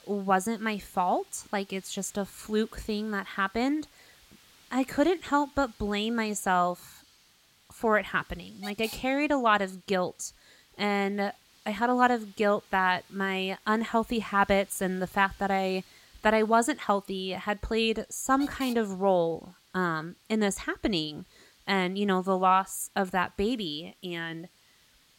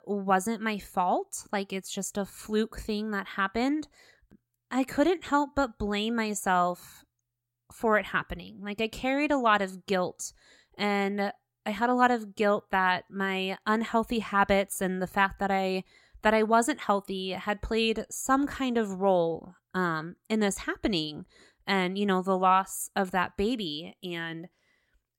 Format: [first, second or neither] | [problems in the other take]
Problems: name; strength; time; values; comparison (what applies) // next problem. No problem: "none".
second | hiss; faint; throughout; 25 dB below the speech